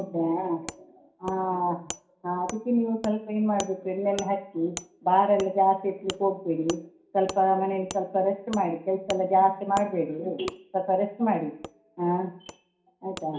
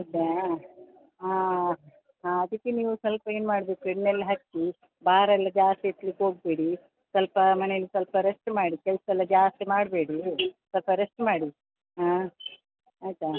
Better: second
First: background sound (Wood); 17 dB below the speech // room echo; dies away in 0.5 s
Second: none

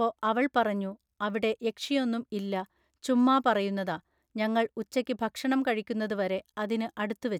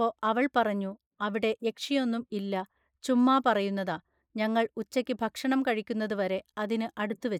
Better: first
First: none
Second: noise reduction (neural mask model Resemble Enhance denoiser)

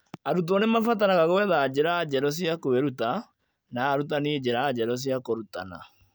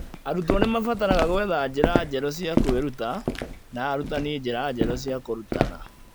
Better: first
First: none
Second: background sound (Walk, footsteps); 1 dB below the speech

